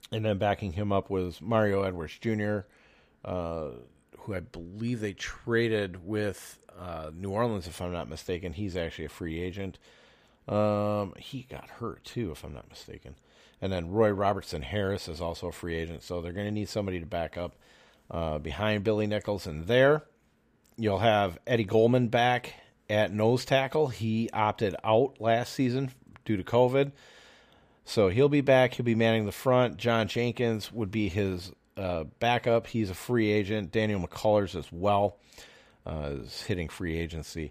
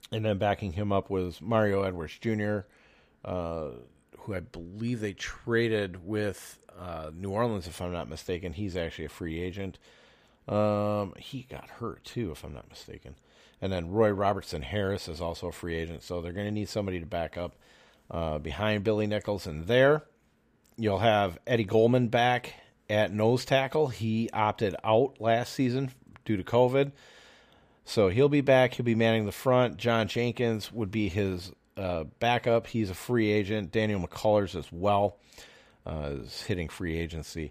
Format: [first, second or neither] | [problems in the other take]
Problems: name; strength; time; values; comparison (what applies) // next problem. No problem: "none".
neither | none